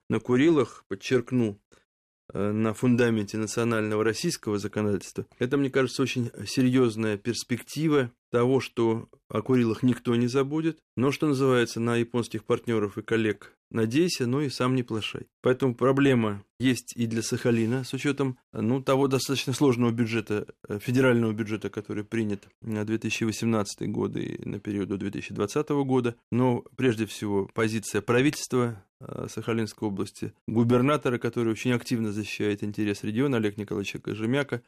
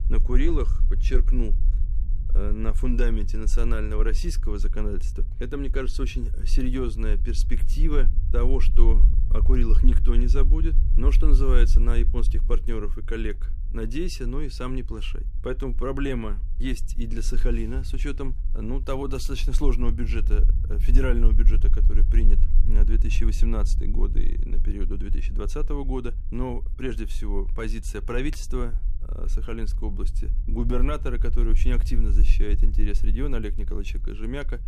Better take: first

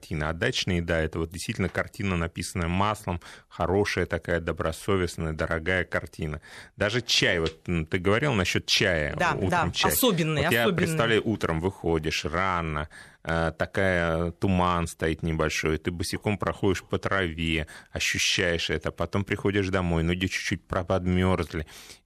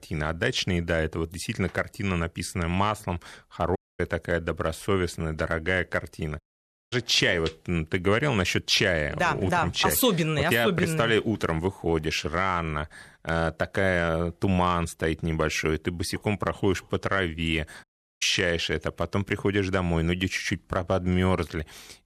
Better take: first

